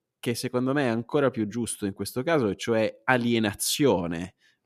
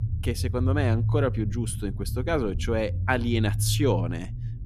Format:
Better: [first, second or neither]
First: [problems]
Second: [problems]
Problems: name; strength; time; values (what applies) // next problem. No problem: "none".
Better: first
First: none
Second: low rumble; noticeable; throughout; 15 dB below the speech